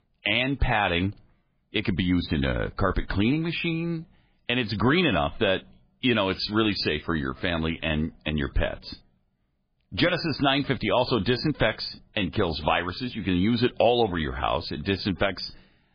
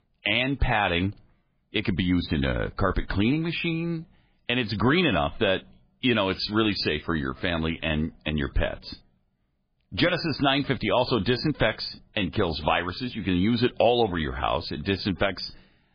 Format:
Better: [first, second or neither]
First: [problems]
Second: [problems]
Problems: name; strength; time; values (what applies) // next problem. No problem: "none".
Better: neither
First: garbled, watery; badly; nothing above 5 kHz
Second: garbled, watery; badly; nothing above 5 kHz